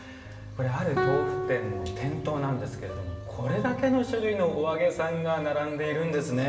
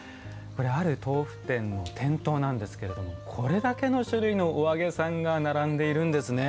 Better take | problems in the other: second | background sound (Guitar); 6 dB below the speech // room echo; dies away in 1.2 s

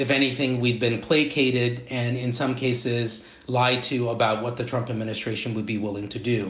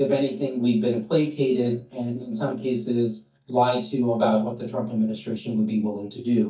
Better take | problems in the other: first | noise reduction (neural mask model DeepFilterNet 3)

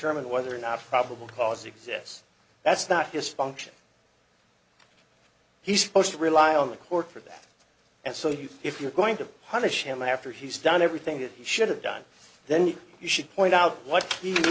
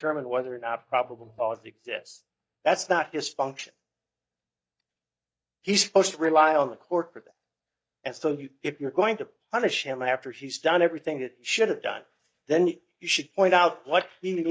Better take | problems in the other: first | noise reduction (neural mask model DeepFilterNet 3)

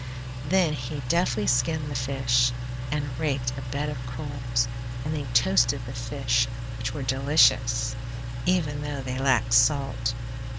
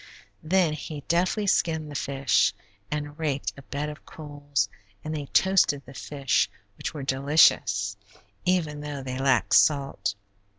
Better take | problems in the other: second | background sound (Engine); 4 dB below the speech

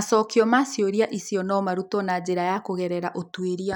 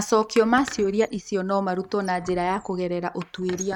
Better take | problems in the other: first | noise reduction (neural mask model RNNoise)

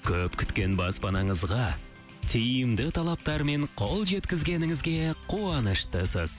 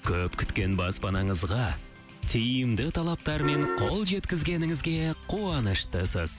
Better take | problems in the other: first | background sound (Piano); 1 dB below the speech

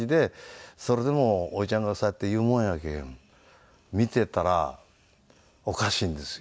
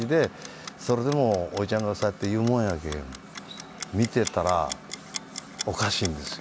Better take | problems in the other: first | background sound (Clock); 12 dB below the speech

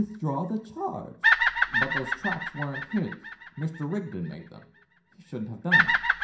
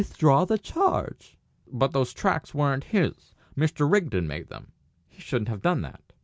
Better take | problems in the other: second | background sound (Bird vocalization, bird call, bird song); 4 dB above the speech // room echo; dies away in 0.5 s

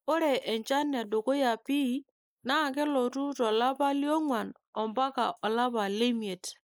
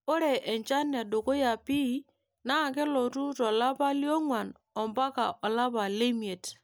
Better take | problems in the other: second | noise reduction (neural mask model Resemble Enhance denoiser)

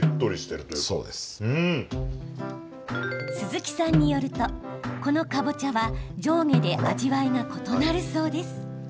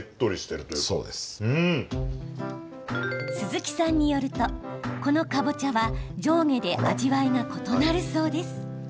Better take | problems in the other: second | background sound (Snare drum); 5 dB below the speech

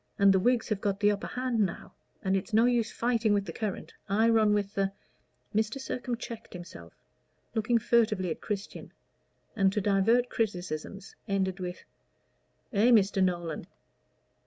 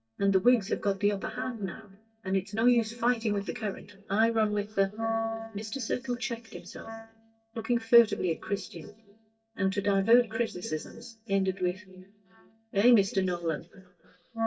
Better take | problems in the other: first | noise reduction (neural mask model DeepFilterNet 3)

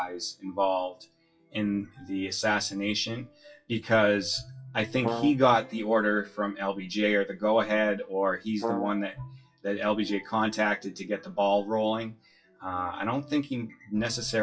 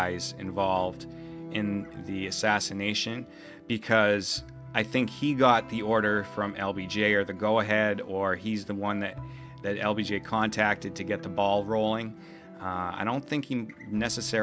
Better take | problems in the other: second | noise reduction (classical method WPE with log-MMSE)

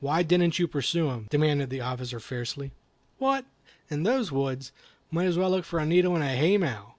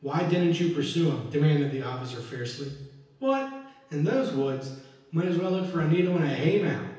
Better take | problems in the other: first | room echo; dies away in 0.9 s

